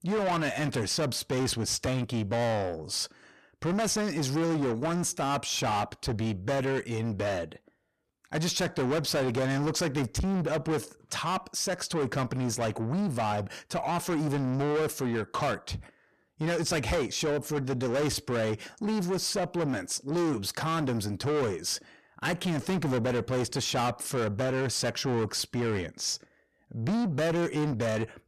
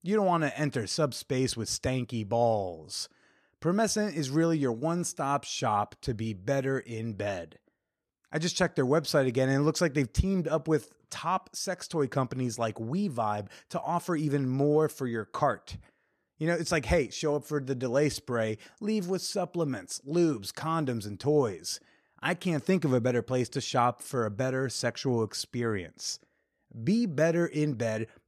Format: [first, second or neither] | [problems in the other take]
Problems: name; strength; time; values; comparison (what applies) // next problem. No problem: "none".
second | distortion; heavy; 6 dB below the speech